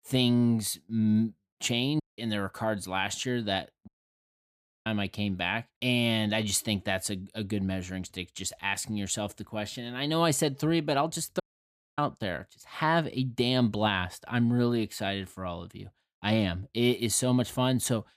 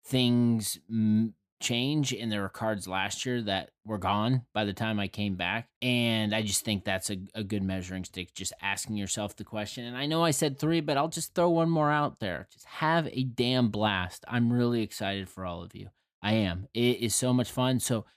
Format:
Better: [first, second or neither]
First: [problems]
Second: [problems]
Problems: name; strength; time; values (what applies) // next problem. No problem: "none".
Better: second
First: audio cutting out; at 2 s, at 4 s for 1 s and at 11 s for 0.5 s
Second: none